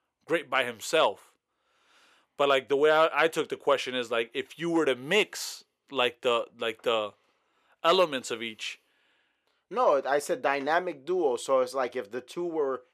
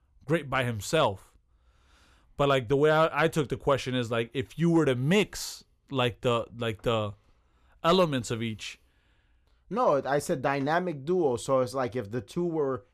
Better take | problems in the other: second | thin; somewhat; fading below 400 Hz

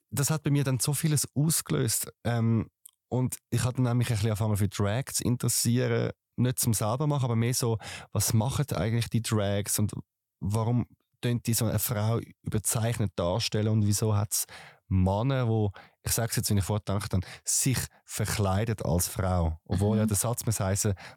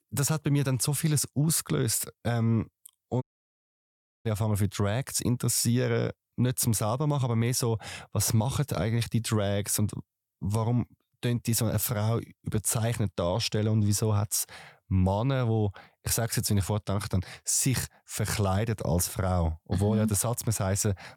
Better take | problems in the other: first | audio cutting out; at 3 s for 1 s

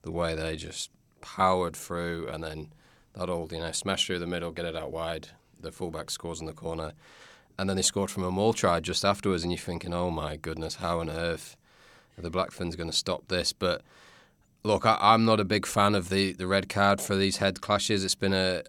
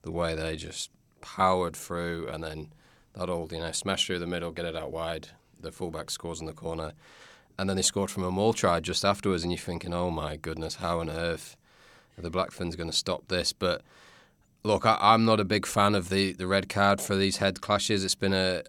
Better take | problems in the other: neither | none

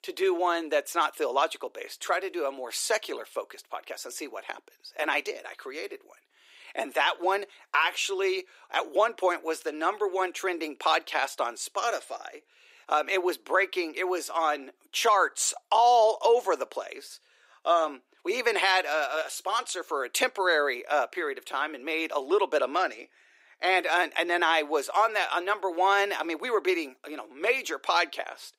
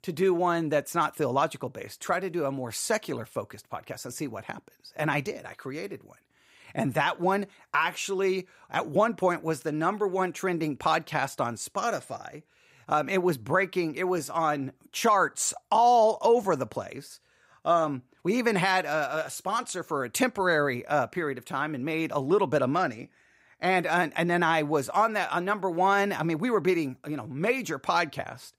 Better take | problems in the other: second | thin; very; fading below 350 Hz

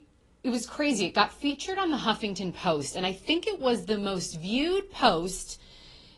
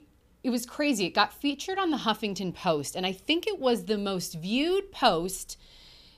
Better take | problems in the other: second | garbled, watery; slightly; nothing above 10.5 kHz

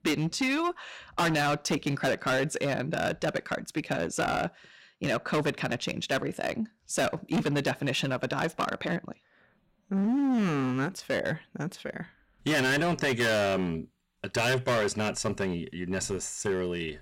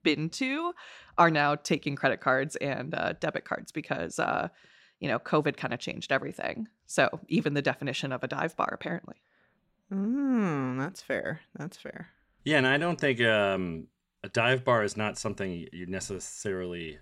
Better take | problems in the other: second | distortion; heavy; 13% of the sound clipped

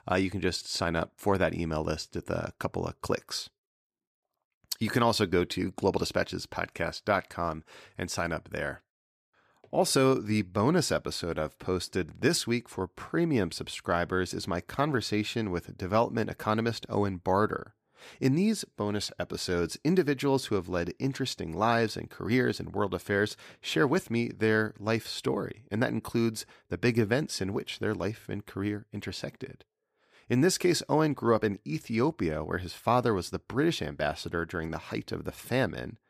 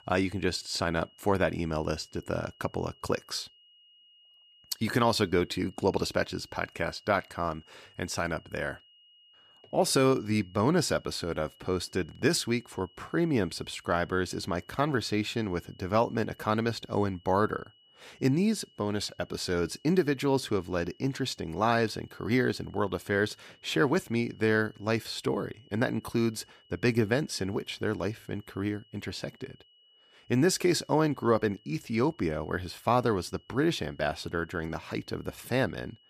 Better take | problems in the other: first | high-pitched whine; faint; throughout; 3 kHz, 30 dB below the speech

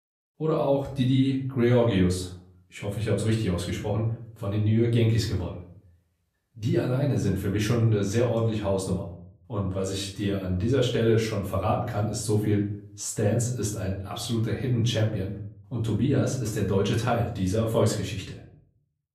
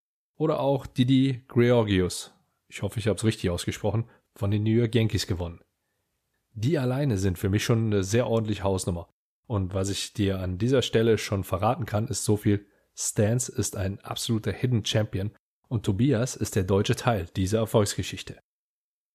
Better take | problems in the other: second | off-mic speech; far // room echo; slight; dies away in 0.5 s

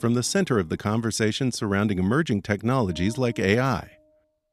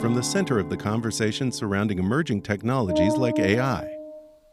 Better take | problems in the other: first | background music; loud; throughout; 4 dB below the speech; faint in the first

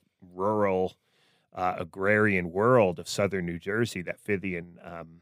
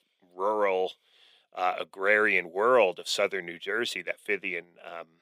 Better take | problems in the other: first | thin; somewhat; fading below 450 Hz

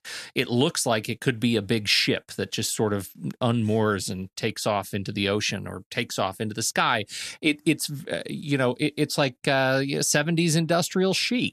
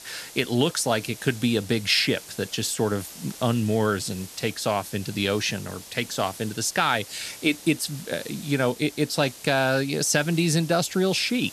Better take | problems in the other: first | hiss; noticeable; throughout; 15 dB below the speech

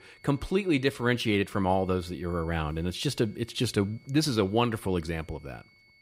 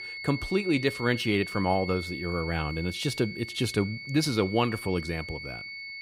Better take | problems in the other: first | high-pitched whine; loud; throughout; 2 kHz, 9 dB below the speech; faint in the first

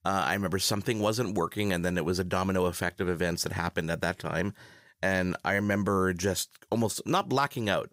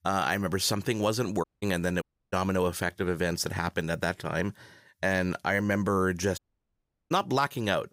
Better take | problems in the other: first | audio cutting out; at 1.5 s, at 2 s and at 6.5 s for 0.5 s

